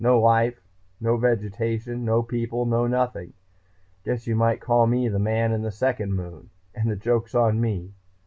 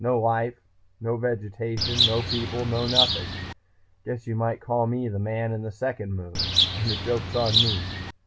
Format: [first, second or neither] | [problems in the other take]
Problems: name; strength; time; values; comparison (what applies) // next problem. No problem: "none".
first | background sound (Bird); 2 dB above the speech